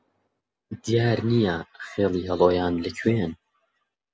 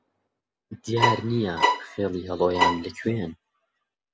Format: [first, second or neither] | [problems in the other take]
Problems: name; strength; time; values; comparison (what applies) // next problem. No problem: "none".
first | background sound (Bowed string instrument); 4 dB above the speech